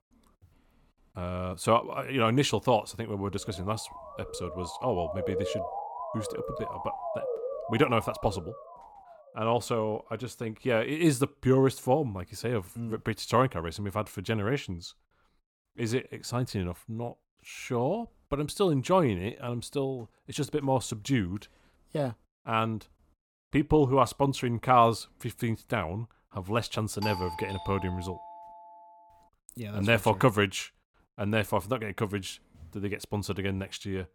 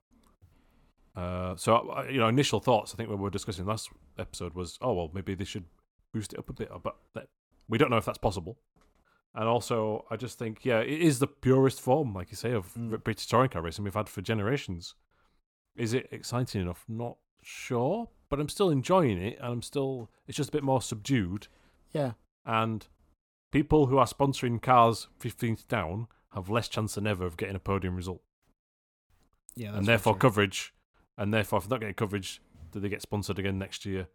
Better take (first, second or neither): second